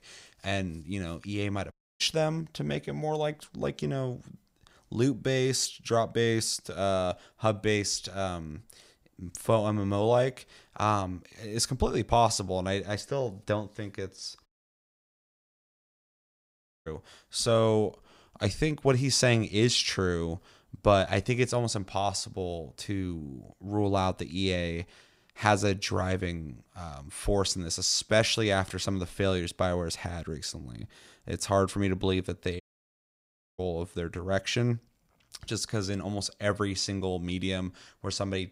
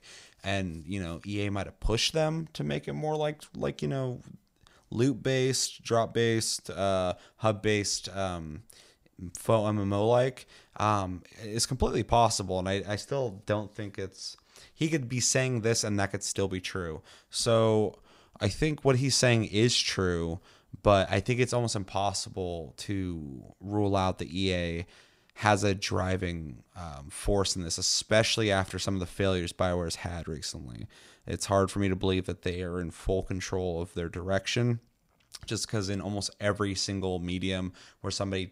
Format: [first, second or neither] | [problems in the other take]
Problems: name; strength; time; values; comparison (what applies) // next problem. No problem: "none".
second | audio cutting out; at 1.5 s, at 14 s for 2.5 s and at 33 s for 1 s